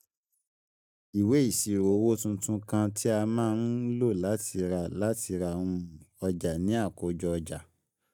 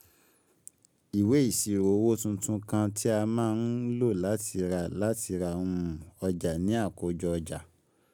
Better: second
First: noise reduction (neural mask model DeepFilterNet 3)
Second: none

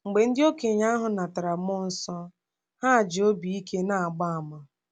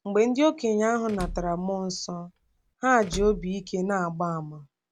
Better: first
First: none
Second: background sound (Door / Car); 15 dB below the speech

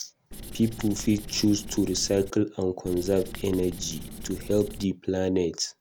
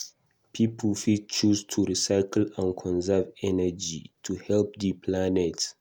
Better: second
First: background sound (Writing); 12 dB below the speech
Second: none

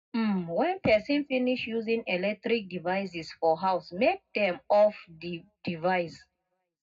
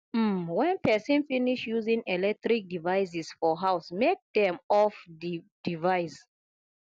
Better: second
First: room echo; dies away in 0.3 s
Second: none

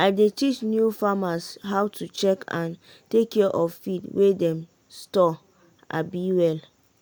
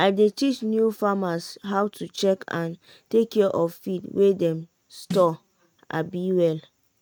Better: first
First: none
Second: noise reduction (neural mask model RNNoise)

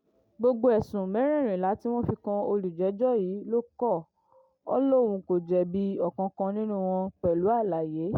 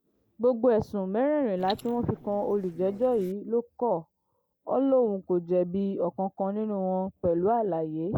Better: first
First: none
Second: noise reduction (neural mask model Resemble Enhance denoiser)

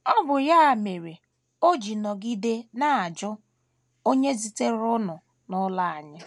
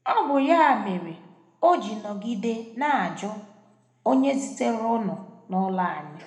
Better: first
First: none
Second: room echo; dies away in 0.8 s

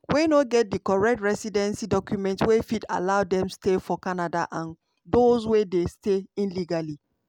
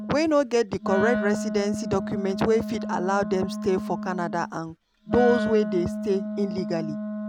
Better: first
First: none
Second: background sound (Wind instrument, woodwind instrument); 5 dB below the speech

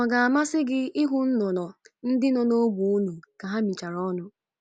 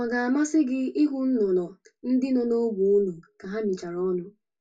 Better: first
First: none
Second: room echo; dies away in 0.1 s

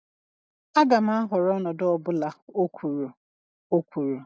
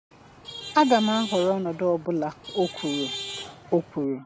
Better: first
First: none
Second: background sound (Traffic noise, roadway noise / Vehicle horn, car horn, honking); 12 dB below the speech

